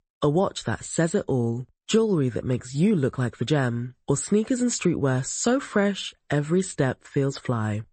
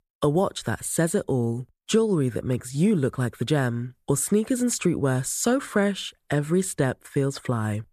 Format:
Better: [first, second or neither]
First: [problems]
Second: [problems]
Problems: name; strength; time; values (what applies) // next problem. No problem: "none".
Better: second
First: garbled, watery; slightly; nothing above 8 kHz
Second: none